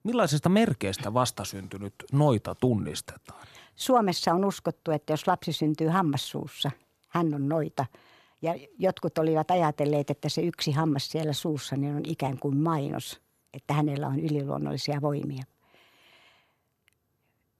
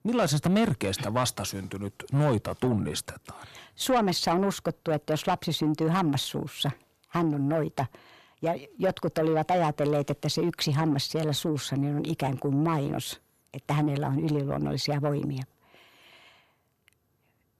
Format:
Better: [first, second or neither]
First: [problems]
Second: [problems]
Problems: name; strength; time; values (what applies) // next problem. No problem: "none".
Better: first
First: none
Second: distortion; slight; 10 dB below the speech